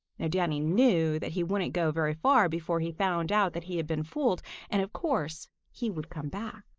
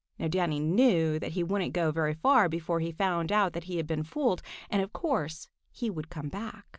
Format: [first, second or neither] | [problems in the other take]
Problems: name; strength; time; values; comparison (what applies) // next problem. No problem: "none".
second | noise reduction (neural mask model Resemble Enhance denoiser)